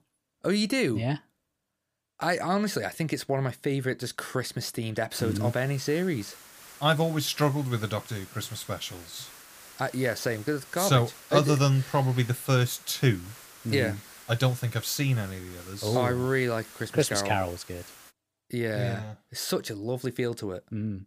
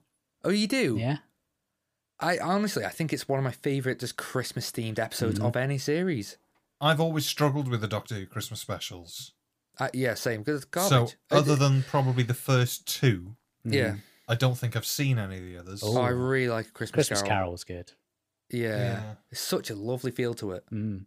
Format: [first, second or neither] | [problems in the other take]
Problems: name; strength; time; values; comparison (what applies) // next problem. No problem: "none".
second | hiss; noticeable; from 5 to 18 s; 20 dB below the speech